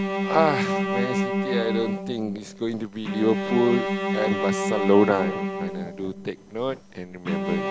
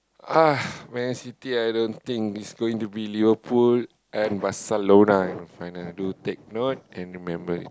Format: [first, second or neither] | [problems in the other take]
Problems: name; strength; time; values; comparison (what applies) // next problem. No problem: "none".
second | background sound (Bowed string instrument); 1 dB below the speech